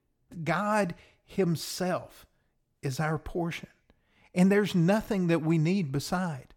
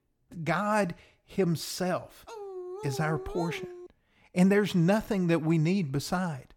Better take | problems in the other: first | dog barking; faint; from 2.5 to 4 s; peak 10 dB below the speech

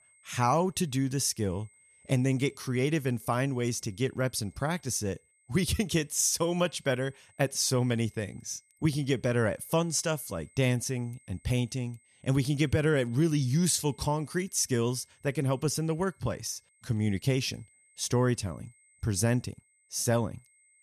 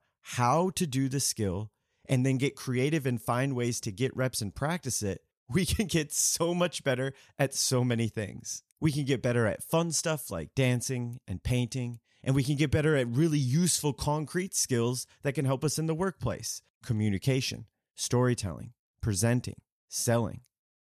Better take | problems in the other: second | high-pitched whine; faint; throughout; 2 kHz, 30 dB below the speech

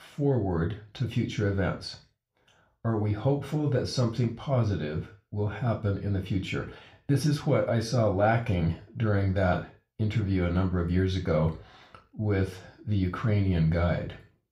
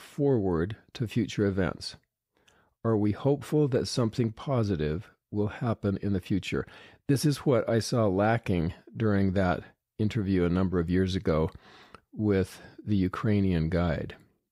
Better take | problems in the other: second | room echo; slight; dies away in 0.3 s // off-mic speech; somewhat distant

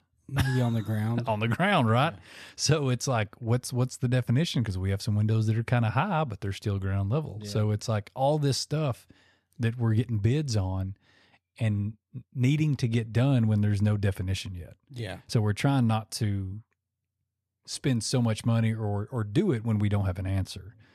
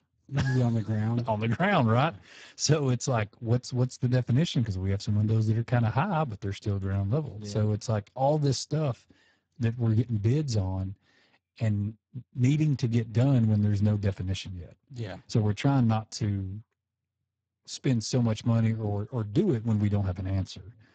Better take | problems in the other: first | garbled, watery; badly; nothing above 7.5 kHz

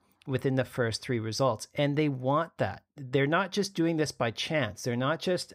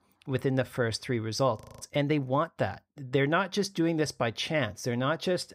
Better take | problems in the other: first | audio freezing; at 1.5 s

